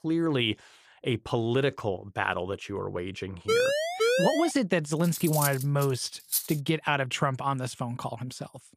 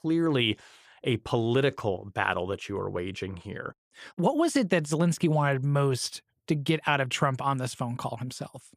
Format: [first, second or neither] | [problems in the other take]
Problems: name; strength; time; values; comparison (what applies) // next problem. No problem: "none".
second | siren; loud; from 3.5 to 4.5 s; peak 4 dB above the speech // clattering dishes; noticeable; from 5 to 6.5 s; peak level with the speech